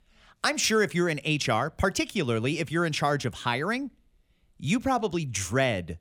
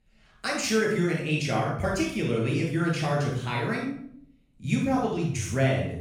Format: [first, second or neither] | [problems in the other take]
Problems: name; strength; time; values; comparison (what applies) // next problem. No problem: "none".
first | off-mic speech; far // room echo; noticeable; dies away in 0.6 s